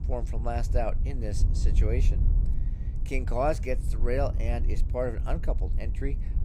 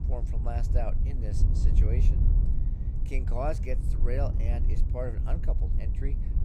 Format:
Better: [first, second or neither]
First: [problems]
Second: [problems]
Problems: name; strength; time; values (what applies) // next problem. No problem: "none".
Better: first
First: wind noise on the microphone; occasional gusts; 15 dB below the speech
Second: wind noise on the microphone; heavy; 7 dB below the speech